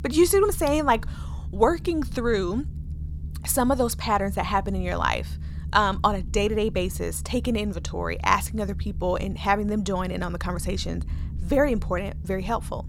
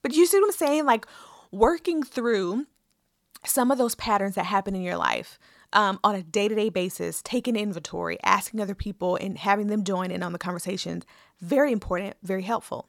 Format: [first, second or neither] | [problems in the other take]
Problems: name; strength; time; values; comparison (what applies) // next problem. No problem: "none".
second | low rumble; faint; throughout; 25 dB below the speech